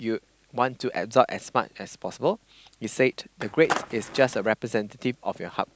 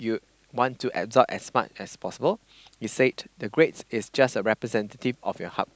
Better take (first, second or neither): second